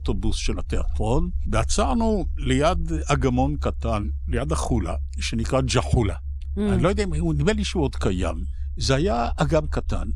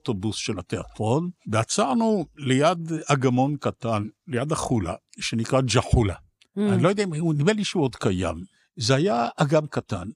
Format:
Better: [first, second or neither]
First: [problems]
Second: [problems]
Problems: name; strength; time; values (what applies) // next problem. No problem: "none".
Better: second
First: low rumble; faint; throughout; 25 dB below the speech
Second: none